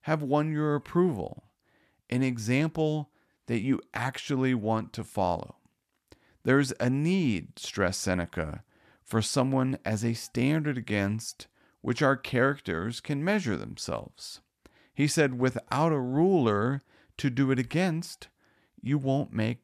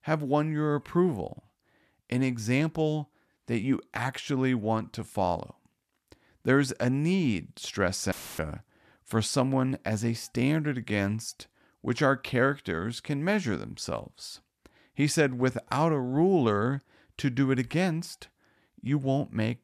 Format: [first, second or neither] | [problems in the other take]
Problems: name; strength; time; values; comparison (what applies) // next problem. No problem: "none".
first | audio cutting out; filled with static; at 8 s